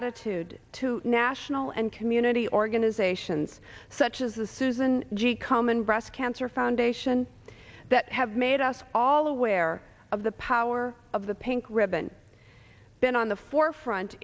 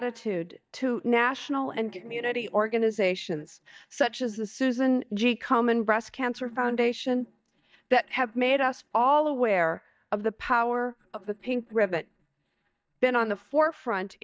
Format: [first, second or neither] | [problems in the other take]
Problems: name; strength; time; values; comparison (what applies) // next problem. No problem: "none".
first | noise reduction (neural mask model DeepFilterNet 3)